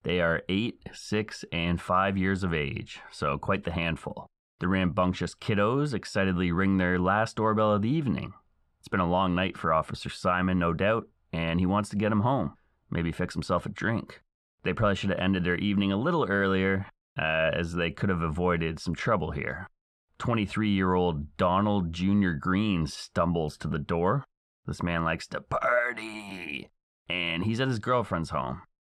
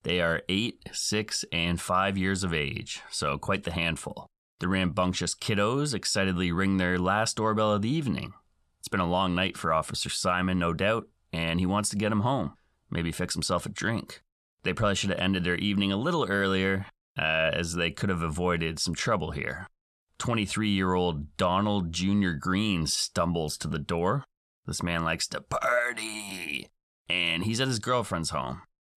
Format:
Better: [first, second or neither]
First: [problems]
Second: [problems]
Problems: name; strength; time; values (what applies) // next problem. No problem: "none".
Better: second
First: muffled; slightly; fading above 3.5 kHz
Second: none